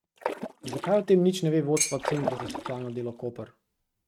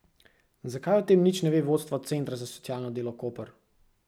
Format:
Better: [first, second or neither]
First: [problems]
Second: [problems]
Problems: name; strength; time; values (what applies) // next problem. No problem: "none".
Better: second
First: noise reduction (neural mask model RNNoise)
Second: none